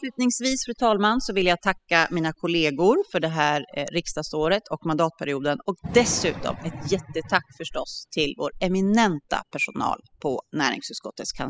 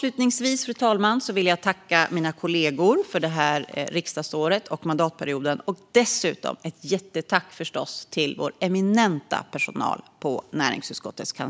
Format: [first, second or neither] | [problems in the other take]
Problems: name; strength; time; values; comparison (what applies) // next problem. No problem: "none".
second | noise reduction (classical method spectral subtraction)